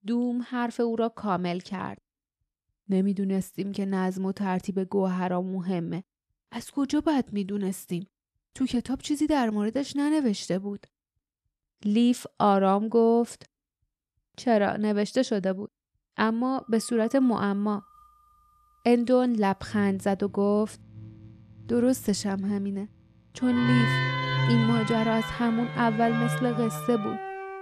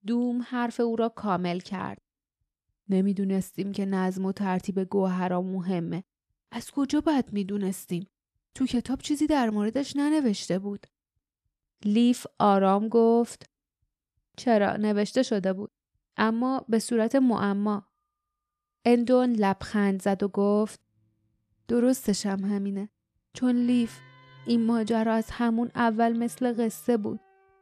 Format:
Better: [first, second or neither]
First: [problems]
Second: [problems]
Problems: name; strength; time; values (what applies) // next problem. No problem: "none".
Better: second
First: background music; loud; from 17 s on; 3 dB below the speech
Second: background music; faint; from 17 s on; 30 dB below the speech